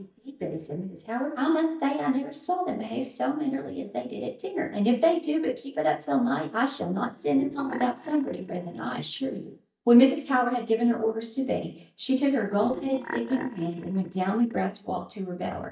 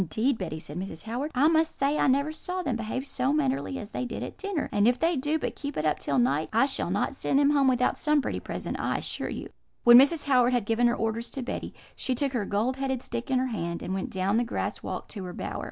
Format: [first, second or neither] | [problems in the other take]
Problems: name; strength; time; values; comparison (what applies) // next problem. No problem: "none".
second | noise reduction (neural mask model DeepFilterNet 3)